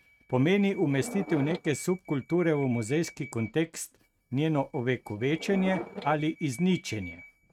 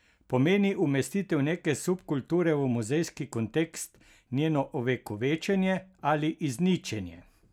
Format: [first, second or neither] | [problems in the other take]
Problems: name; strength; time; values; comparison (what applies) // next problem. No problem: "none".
second | noise reduction (neural mask model RNNoise)